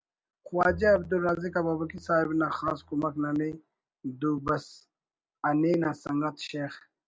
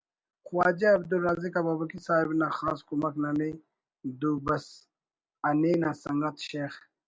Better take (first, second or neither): second